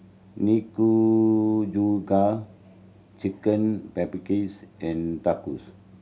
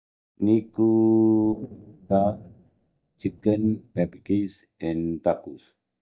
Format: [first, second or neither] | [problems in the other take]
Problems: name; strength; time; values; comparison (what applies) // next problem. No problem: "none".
first | noise reduction (neural mask model DeepFilterNet 3)